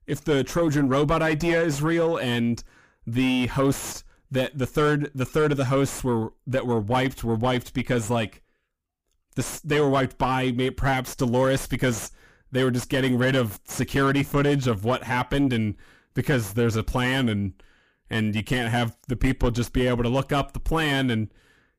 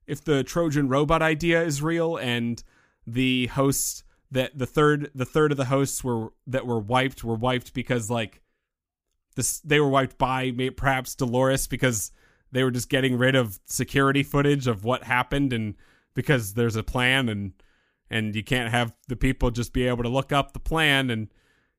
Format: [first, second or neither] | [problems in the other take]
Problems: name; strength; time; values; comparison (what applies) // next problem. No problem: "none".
second | distortion; heavy; 7 dB below the speech